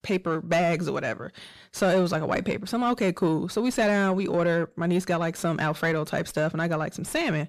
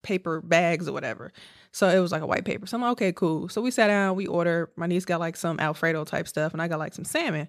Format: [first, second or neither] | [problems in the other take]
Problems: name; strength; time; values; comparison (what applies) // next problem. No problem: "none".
second | distortion; slight; 10 dB below the speech